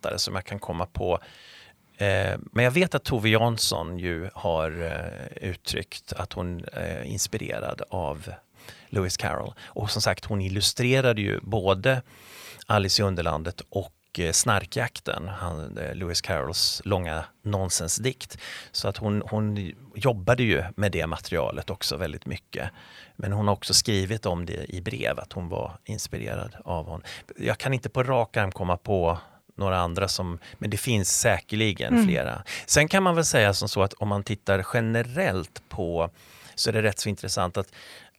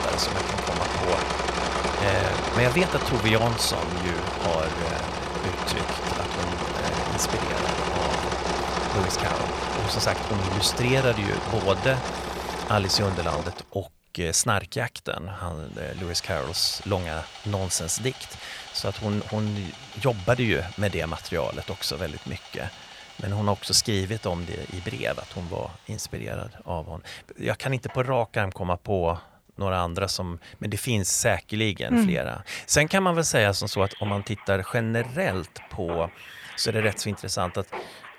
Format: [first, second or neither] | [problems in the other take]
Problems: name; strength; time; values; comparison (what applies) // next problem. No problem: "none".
first | machinery noise; loud; throughout; 3 dB below the speech